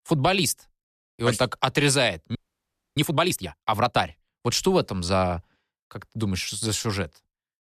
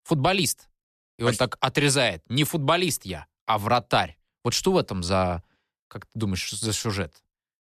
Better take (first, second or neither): second